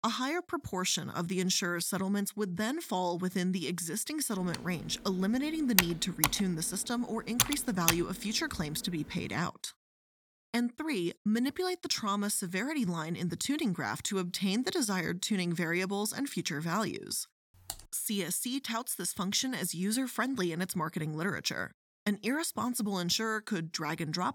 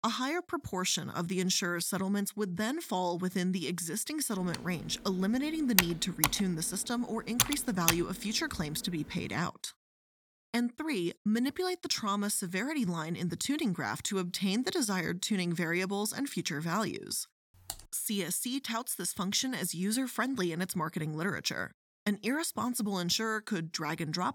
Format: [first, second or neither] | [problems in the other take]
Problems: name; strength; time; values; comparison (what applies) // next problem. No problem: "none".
neither | keyboard typing; loud; from 4.5 to 8 s; peak 5 dB above the speech; the same in both // keyboard typing; faint; at 18 s; peak 10 dB below the speech; the same in both